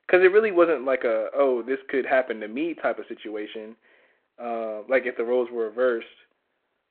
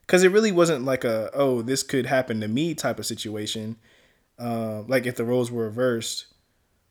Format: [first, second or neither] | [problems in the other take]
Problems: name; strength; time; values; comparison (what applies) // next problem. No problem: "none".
second | phone-call audio; nothing above 4 kHz